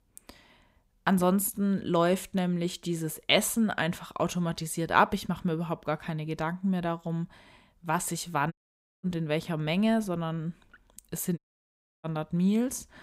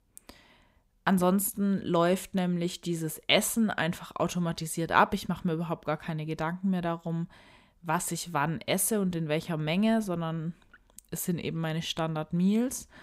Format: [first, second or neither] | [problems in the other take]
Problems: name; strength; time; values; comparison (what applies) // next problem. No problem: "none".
second | audio cutting out; at 8.5 s for 0.5 s and at 11 s for 0.5 s